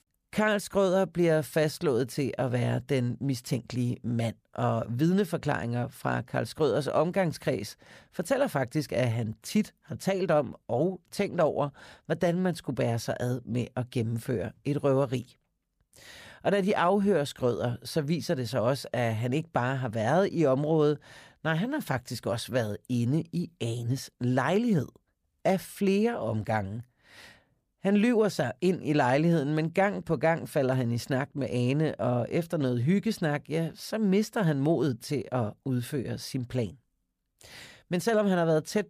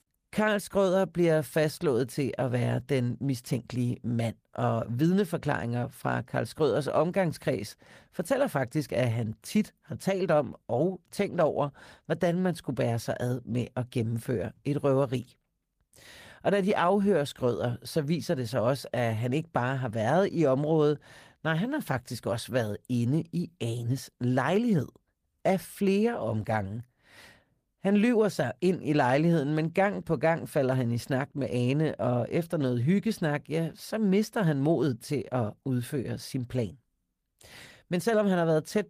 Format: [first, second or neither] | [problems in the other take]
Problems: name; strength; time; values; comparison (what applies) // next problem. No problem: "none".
first | garbled, watery; slightly; nothing above 15 kHz